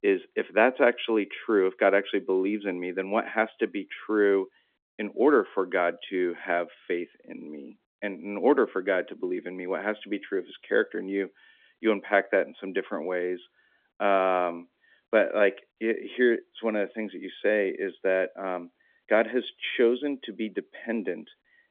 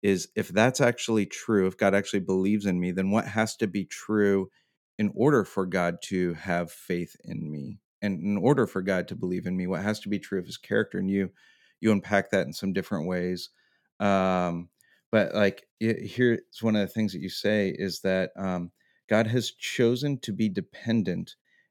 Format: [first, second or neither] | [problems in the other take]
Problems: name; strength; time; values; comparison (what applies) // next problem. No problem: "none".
second | phone-call audio; nothing above 3.5 kHz